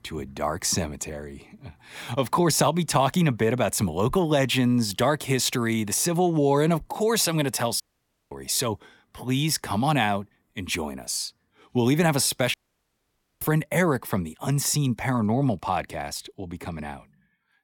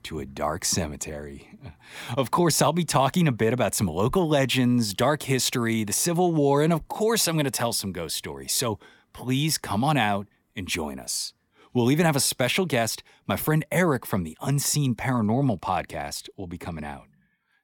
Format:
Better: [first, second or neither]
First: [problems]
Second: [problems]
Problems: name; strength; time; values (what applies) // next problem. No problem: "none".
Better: second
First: audio cutting out; at 8 s for 0.5 s and at 13 s for 1 s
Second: none